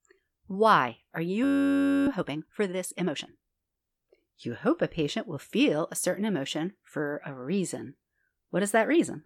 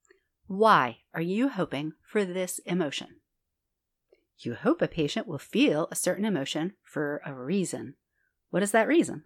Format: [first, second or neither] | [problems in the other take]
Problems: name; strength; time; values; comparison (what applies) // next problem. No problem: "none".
second | audio freezing; at 1.5 s for 0.5 s